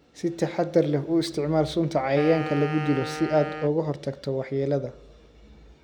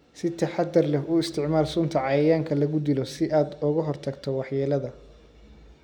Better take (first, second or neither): second